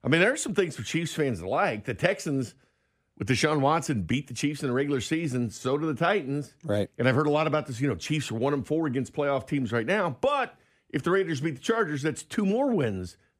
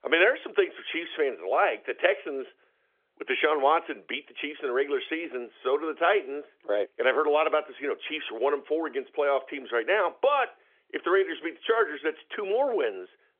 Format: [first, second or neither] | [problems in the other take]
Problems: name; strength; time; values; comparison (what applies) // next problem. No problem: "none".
first | phone-call audio; nothing above 3.5 kHz